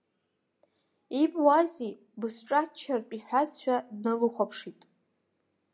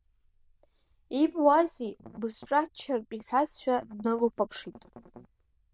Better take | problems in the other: first | noise reduction (neural diffusion model UNIVERSE++)

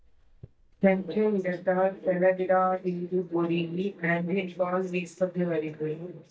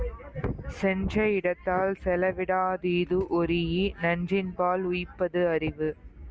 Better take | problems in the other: second | noise reduction (neural mask model DeepFilterNet 3)

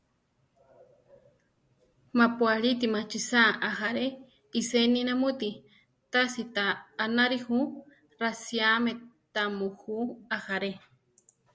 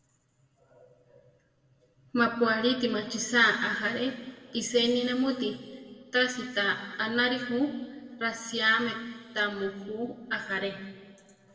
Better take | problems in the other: first | room echo; dies away in 2 s

